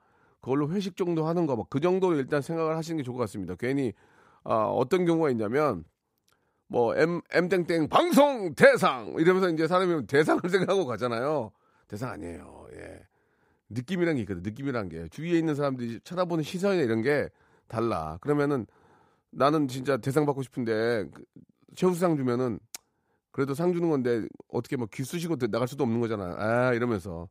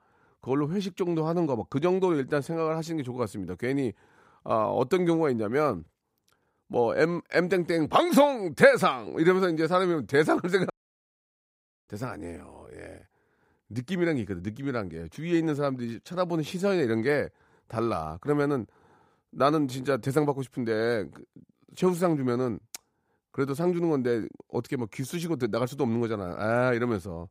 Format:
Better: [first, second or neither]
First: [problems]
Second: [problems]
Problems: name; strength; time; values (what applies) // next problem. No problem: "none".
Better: first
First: none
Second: audio cutting out; at 11 s for 1 s